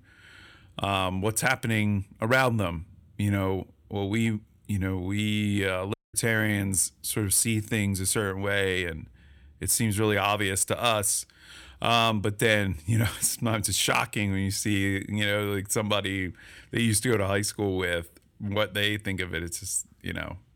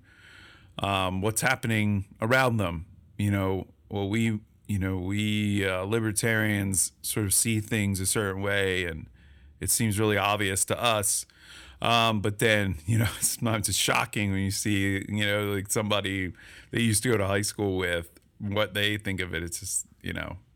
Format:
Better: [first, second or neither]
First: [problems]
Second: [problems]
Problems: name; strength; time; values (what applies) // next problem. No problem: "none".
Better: second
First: audio cutting out; at 6 s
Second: none